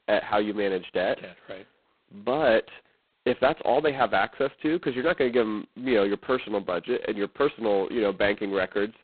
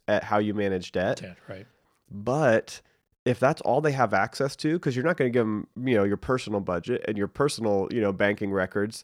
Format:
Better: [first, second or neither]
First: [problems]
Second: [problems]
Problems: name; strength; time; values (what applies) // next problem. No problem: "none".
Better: second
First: phone-call audio; poor line; nothing above 4 kHz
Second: none